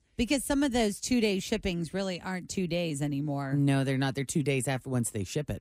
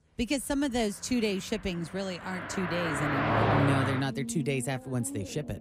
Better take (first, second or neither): first